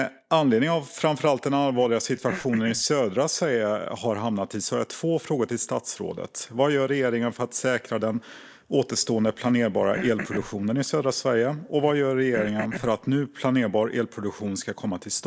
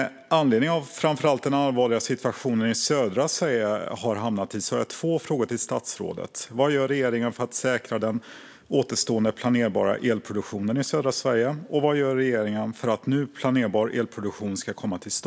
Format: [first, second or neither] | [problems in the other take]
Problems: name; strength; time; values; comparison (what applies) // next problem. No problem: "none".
second | noise reduction (neural mask model DeepFilterNet 3)